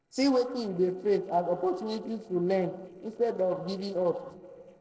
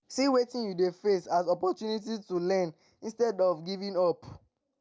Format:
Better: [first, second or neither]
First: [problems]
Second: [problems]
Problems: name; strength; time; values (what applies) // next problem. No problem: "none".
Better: second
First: noise reduction (neural separator model SepFormer DNS4)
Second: none